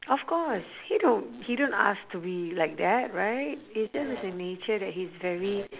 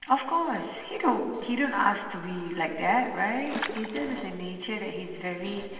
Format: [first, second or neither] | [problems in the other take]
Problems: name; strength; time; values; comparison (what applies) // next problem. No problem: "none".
first | background sound (Water / Splash, splatter); 8 dB below the speech // room echo; dies away in 2.9 s